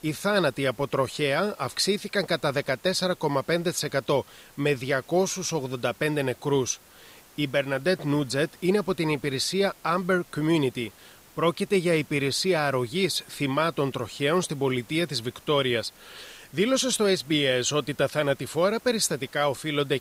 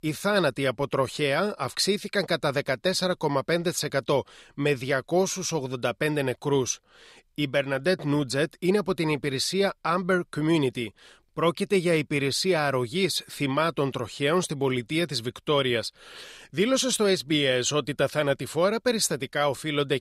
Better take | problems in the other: second | hiss; faint; throughout; 25 dB below the speech

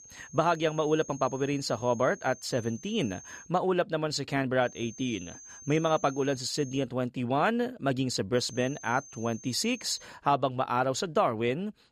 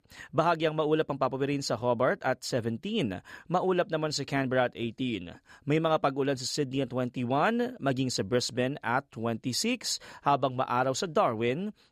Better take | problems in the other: second | high-pitched whine; noticeable; until 3.5 s, from 4.5 to 7 s and from 8.5 to 10 s; 6.5 kHz, 20 dB below the speech

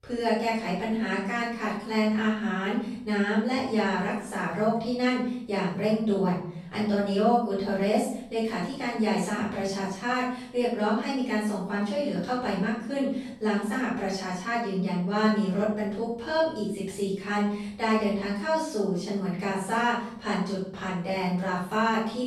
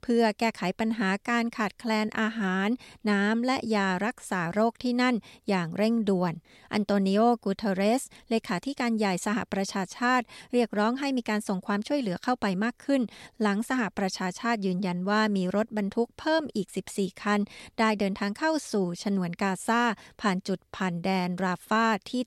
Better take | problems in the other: second | off-mic speech; far // room echo; noticeable; dies away in 0.6 s

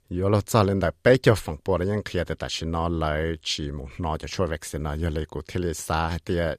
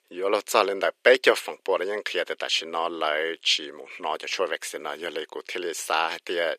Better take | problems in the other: first | thin; very; fading below 400 Hz

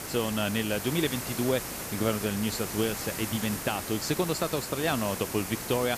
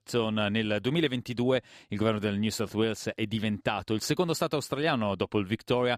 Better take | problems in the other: second | hiss; loud; throughout; 5 dB below the speech

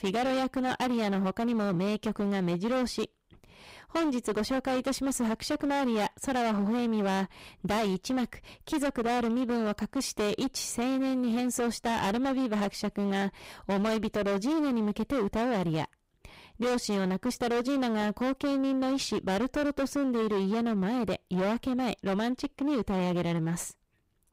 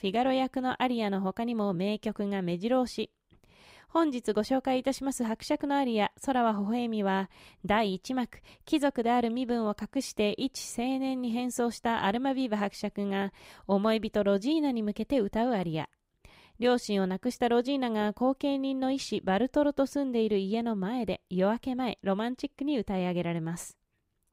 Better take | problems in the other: second | distortion; heavy; 29% of the sound clipped

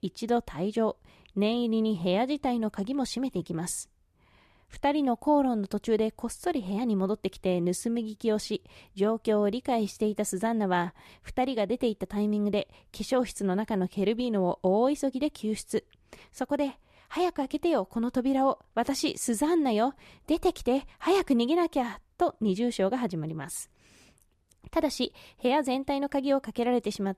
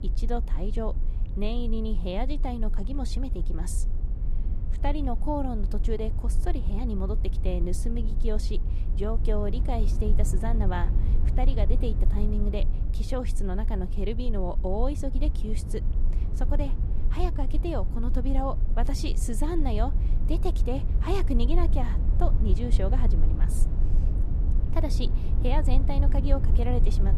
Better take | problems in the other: first | low rumble; noticeable; throughout; 10 dB below the speech

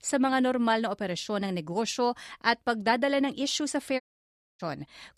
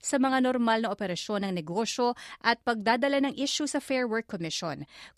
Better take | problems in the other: second | audio cutting out; at 4 s for 0.5 s

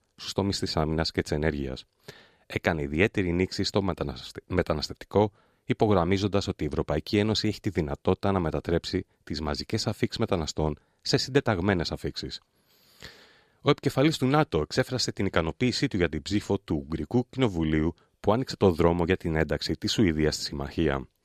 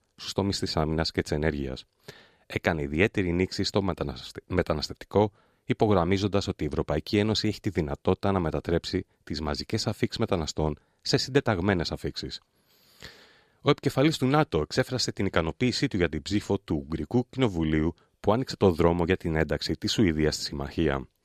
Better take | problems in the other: neither | none

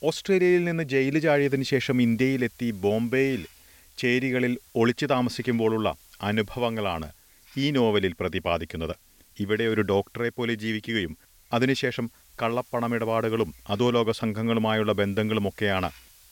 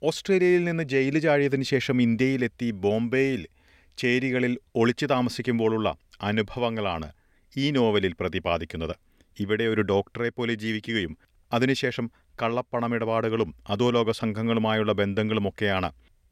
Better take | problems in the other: second | hiss; faint; throughout; 25 dB below the speech

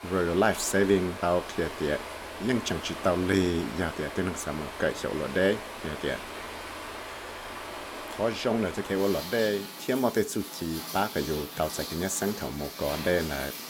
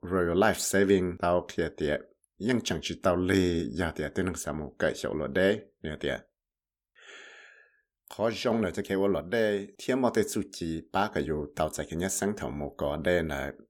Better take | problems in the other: second | rain or running water; loud; throughout; 9 dB below the speech

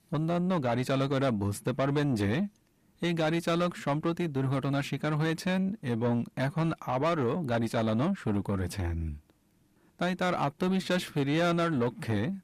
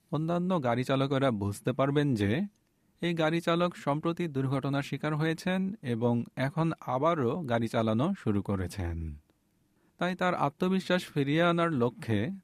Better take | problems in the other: second | distortion; slight; 10 dB below the speech

